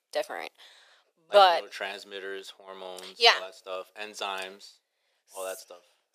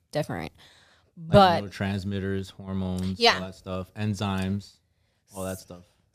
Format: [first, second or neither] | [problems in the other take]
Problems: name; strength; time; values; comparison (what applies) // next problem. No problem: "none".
second | thin; very; fading below 450 Hz